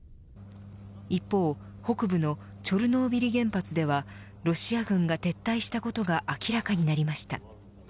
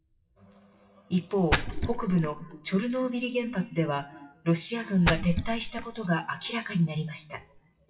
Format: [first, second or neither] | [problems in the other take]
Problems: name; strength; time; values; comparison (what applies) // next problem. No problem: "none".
first | noise reduction (classical method WPE with log-MMSE)